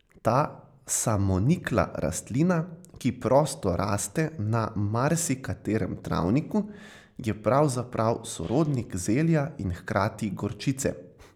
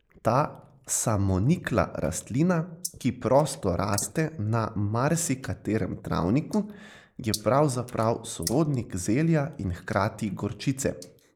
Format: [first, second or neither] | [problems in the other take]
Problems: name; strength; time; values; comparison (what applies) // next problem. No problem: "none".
first | noise reduction (neural mask model Resemble Enhance denoiser)